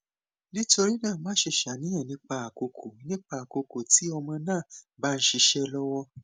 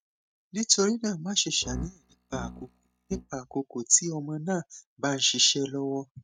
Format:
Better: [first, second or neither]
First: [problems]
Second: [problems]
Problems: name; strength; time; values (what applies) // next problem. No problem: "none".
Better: first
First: none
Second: noise reduction (neural mask model RNNoise)